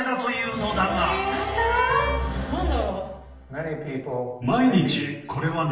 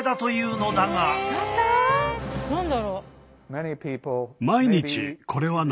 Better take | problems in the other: second | room echo; dies away in 0.7 s

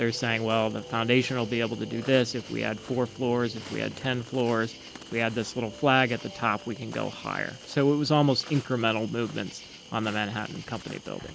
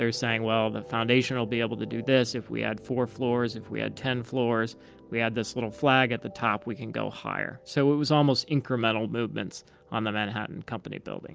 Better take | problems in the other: second | background sound (Cricket + Walk, footsteps); 18 dB below the speech

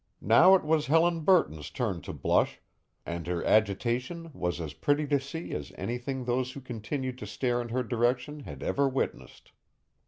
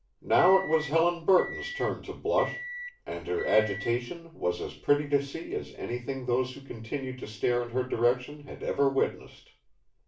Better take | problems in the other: first | background sound (Microwave oven); 12 dB below the speech // room echo; dies away in 0.3 s

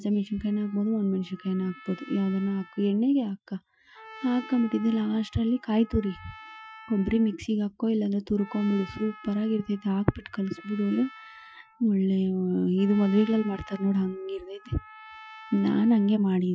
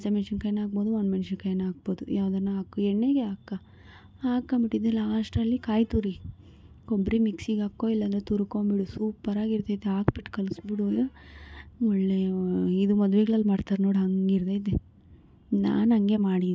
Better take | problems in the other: second | noise reduction (classical method Wiener filter)

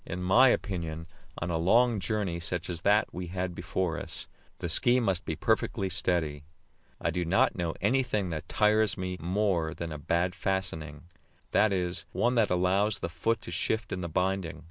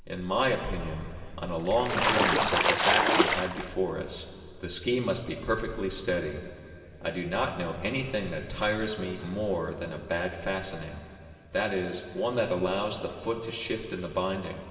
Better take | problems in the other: first | background sound (Splash, splatter); 5 dB above the speech // room echo; dies away in 2.5 s

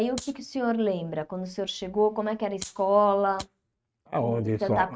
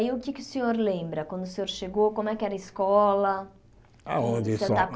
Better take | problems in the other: second | noise reduction (neural mask model RNNoise)

